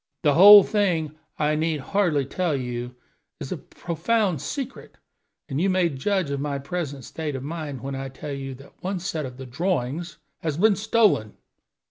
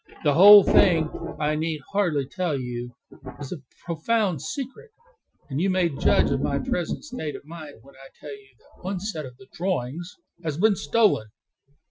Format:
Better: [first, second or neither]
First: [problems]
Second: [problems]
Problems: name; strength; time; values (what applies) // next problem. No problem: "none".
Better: first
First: none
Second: noise reduction (classical method Wiener filter)